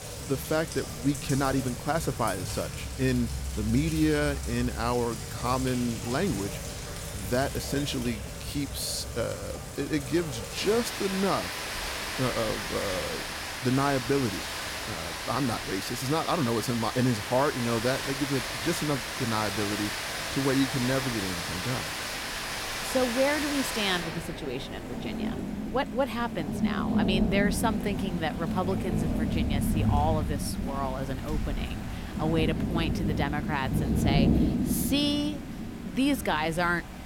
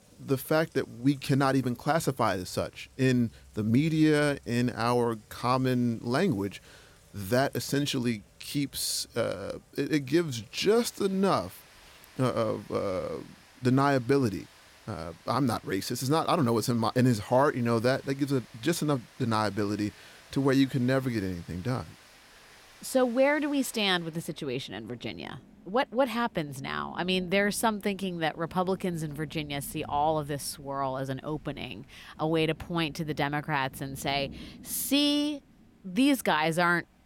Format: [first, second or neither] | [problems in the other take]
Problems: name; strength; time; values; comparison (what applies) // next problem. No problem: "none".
second | rain or running water; loud; throughout; 2 dB below the speech; faint in the second